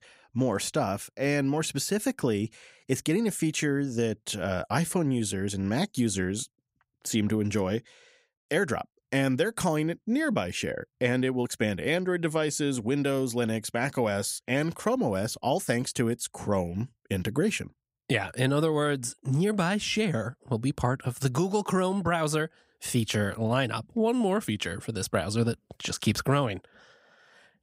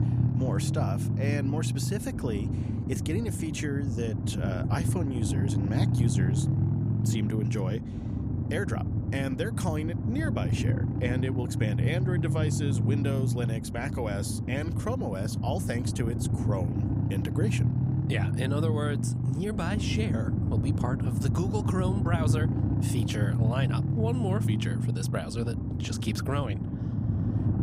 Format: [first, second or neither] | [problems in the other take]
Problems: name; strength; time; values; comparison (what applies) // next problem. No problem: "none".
first | low rumble; loud; throughout; 3 dB below the speech